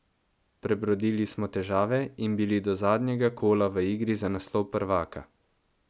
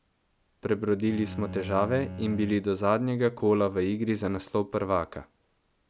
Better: first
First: none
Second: background sound (Bowed string instrument); 13 dB below the speech

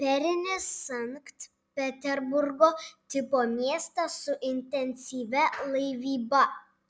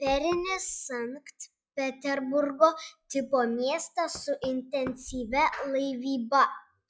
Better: first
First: none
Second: noise reduction (classical method log-MMSE)

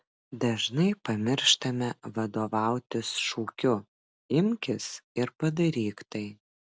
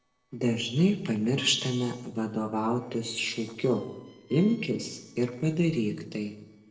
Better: first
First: none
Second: noise reduction (neural separator model SepFormer DNS4)

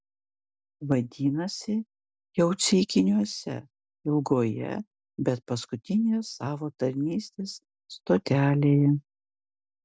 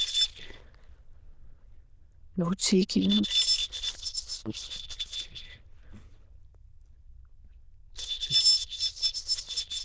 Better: first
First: none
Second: noise reduction (neural diffusion model UNIVERSE++)

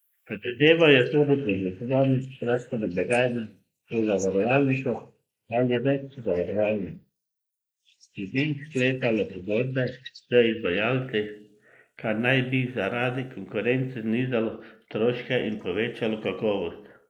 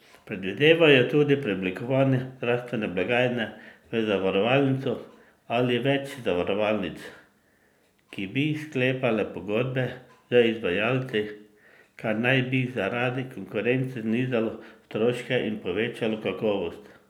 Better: second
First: noise reduction (neural mask model Resemble Enhance denoiser)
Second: none

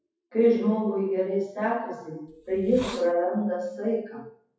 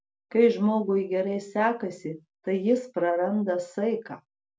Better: second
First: noise reduction (classical method WPE with log-MMSE)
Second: none

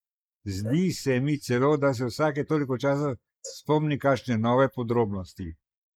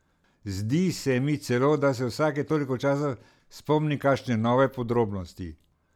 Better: second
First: noise reduction (neural mask model Resemble Enhance denoiser)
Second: none

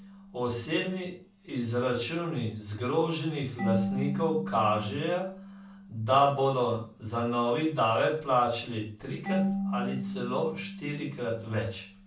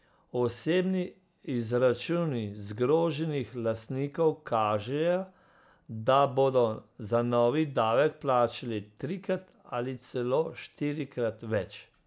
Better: second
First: background sound (Marimba, xylophone / Wood); 7 dB below the speech // room echo; dies away in 0.3 s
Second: none

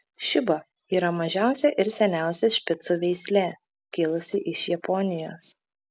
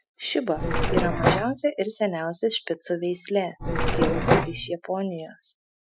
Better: first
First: none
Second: noise reduction (classical method Wiener filter)

